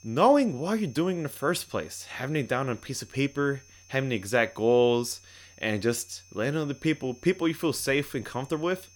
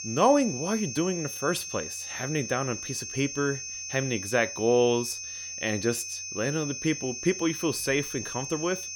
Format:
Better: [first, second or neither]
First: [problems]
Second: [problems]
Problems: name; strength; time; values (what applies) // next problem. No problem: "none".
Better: first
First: high-pitched whine; faint; throughout; 6.5 kHz, 25 dB below the speech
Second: high-pitched whine; loud; throughout; 6.5 kHz, 6 dB below the speech